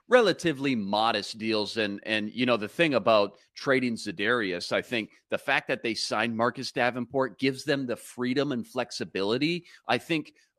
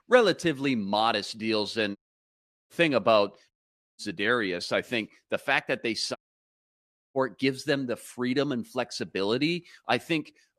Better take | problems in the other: first | audio cutting out; at 2 s for 0.5 s, at 3.5 s and at 6 s for 1 s

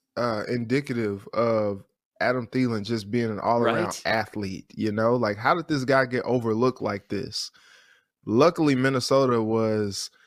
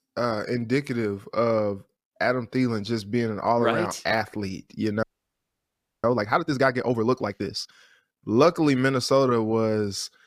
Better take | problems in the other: first | audio freezing; at 5 s for 1 s

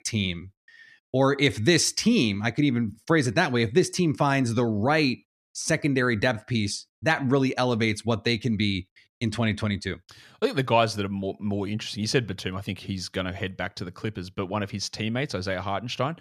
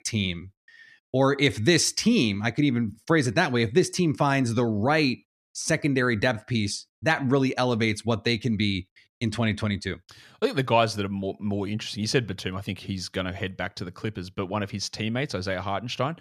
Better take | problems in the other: neither | none

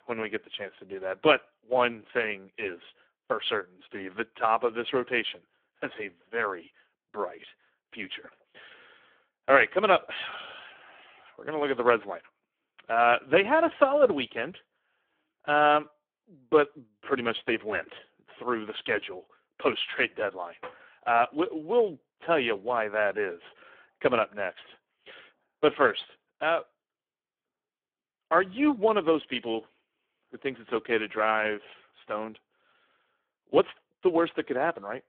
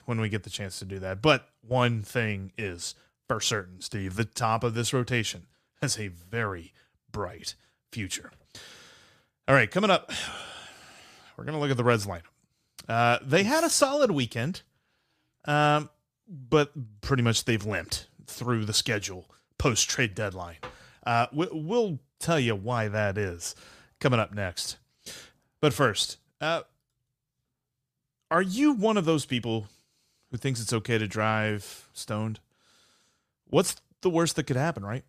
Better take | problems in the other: second | phone-call audio; poor line

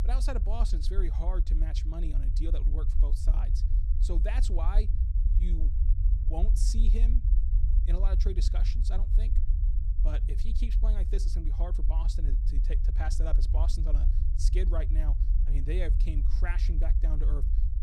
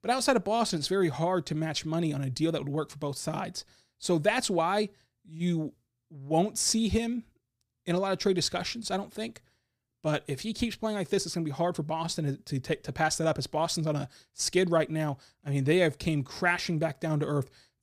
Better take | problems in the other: second | low rumble; loud; throughout; 7 dB below the speech

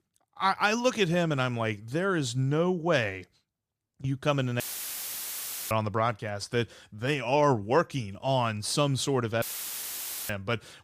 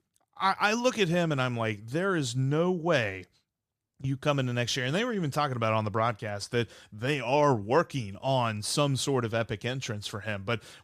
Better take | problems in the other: second | audio cutting out; filled with static; at 4.5 s for 1 s and at 9.5 s for 1 s

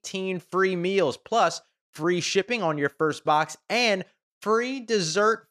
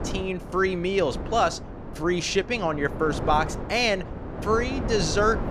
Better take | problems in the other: first | wind noise on the microphone; occasional gusts; 10 dB below the speech

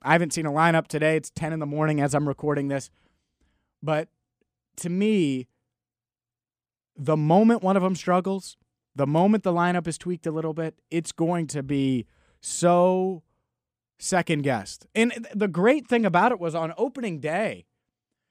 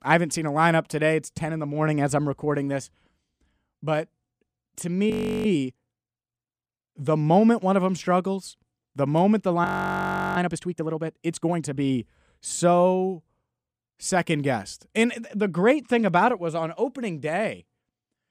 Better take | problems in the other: first | audio freezing; at 5 s and at 9.5 s for 0.5 s

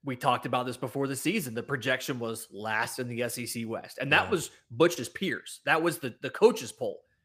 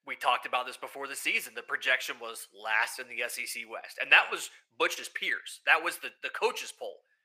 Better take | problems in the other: first | thin; very; fading below 750 Hz

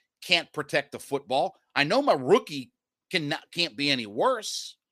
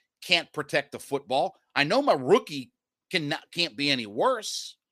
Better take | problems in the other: neither | none

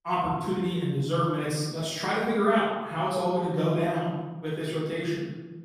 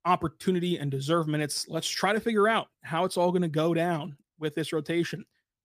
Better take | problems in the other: second | room echo; noticeable; dies away in 1.2 s // off-mic speech; far

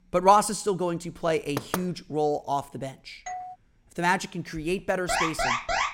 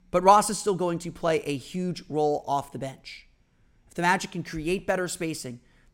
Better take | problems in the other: second | door banging; noticeable; at 1.5 s; peak 6 dB below the speech // doorbell; faint; at 3.5 s; peak 10 dB below the speech // alarm; loud; at 5 s; peak 1 dB above the speech

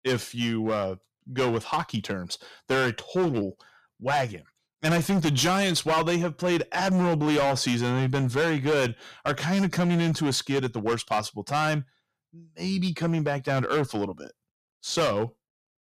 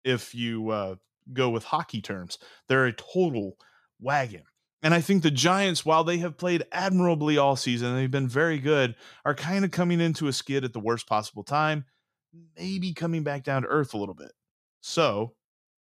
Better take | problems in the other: second | distortion; heavy; 12% of the sound clipped

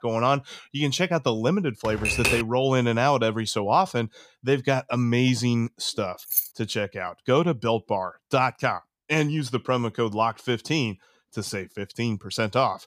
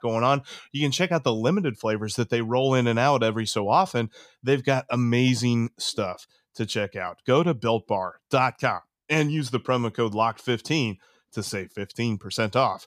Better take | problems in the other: second | keyboard typing; loud; at 2 s; peak 2 dB above the speech // jangling keys; loud; at 6.5 s; peak level with the speech

